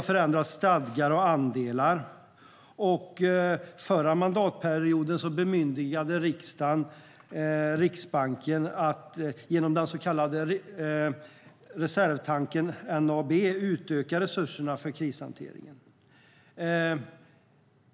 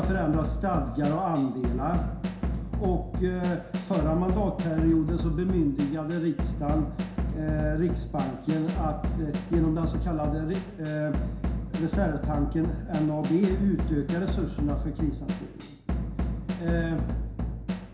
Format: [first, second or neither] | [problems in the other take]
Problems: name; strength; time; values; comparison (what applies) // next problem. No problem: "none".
first | background sound (Drum / Drum kit); 2 dB below the speech // room echo; dies away in 0.7 s